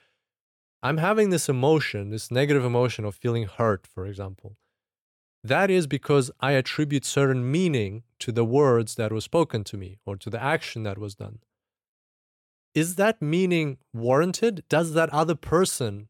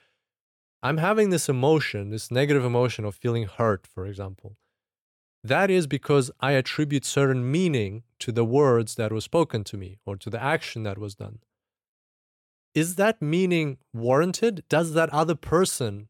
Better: neither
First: none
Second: none

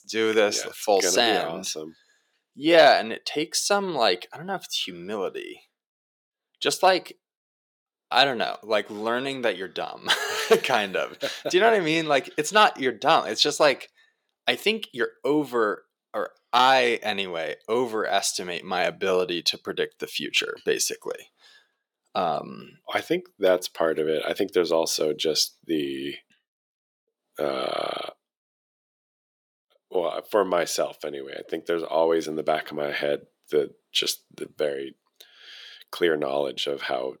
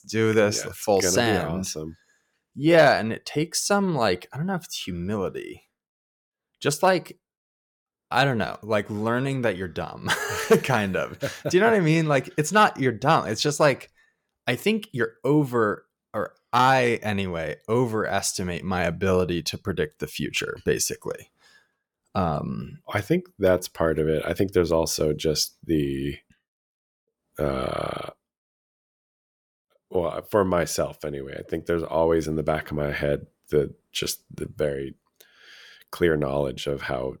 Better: second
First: thin; somewhat; fading below 350 Hz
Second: none

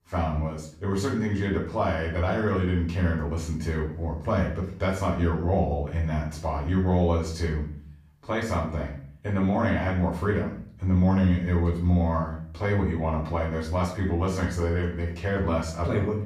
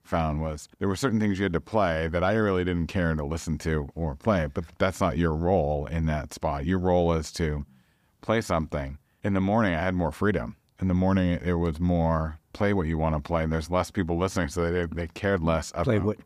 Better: second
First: off-mic speech; far // room echo; noticeable; dies away in 0.5 s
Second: none

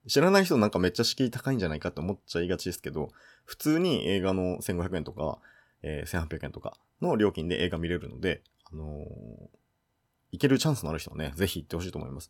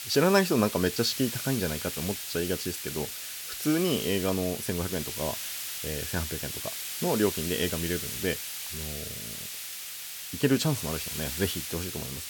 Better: first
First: none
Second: hiss; loud; throughout; 4 dB below the speech

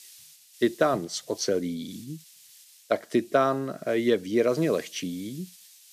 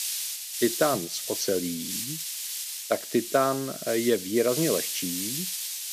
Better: first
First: hiss; faint; throughout; 25 dB below the speech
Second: hiss; loud; throughout; 3 dB below the speech

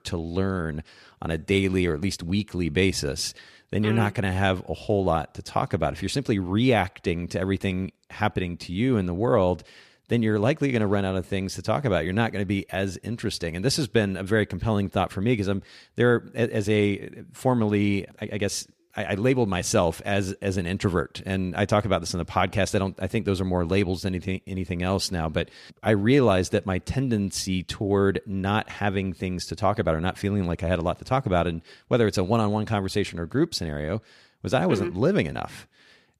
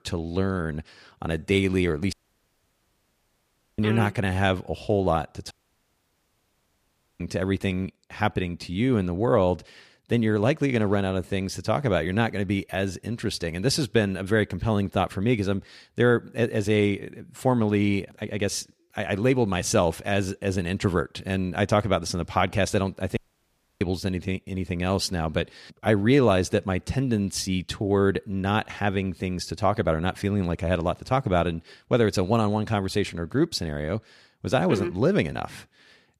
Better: first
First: none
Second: audio cutting out; at 2 s for 1.5 s, at 5.5 s for 1.5 s and at 23 s for 0.5 s

